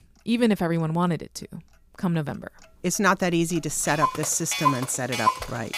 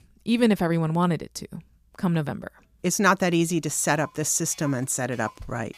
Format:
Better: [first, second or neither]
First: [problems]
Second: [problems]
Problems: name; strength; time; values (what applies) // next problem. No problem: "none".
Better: second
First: household noises; loud; throughout; 2 dB below the speech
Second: household noises; faint; throughout; 25 dB below the speech